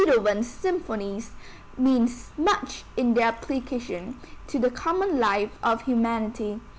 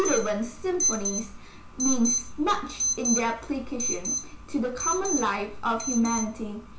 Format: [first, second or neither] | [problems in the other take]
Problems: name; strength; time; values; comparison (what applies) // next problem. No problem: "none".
first | background sound (Alarm); 4 dB below the speech // room echo; dies away in 0.4 s